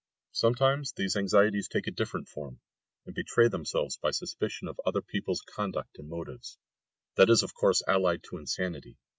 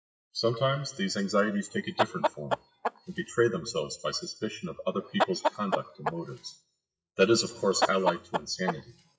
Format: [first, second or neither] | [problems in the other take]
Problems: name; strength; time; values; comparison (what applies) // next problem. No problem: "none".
first | noise reduction (classical method WPE with log-MMSE)